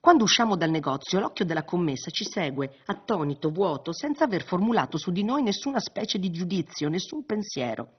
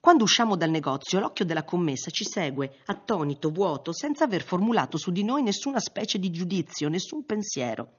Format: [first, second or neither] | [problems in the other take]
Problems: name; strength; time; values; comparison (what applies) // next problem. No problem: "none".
second | garbled, watery; badly; nothing above 6 kHz; slightly in the second